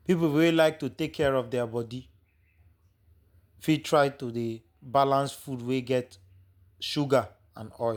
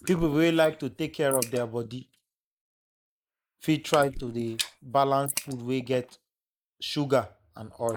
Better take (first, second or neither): first